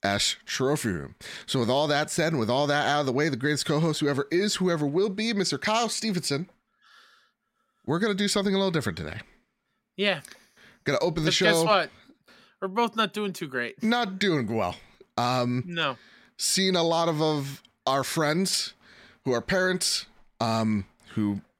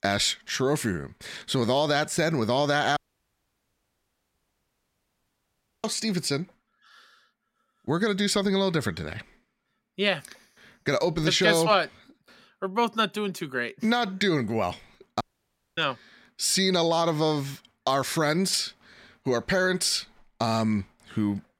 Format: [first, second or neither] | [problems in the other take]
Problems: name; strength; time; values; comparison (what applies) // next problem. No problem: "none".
first | audio cutting out; at 3 s for 3 s and at 15 s for 0.5 s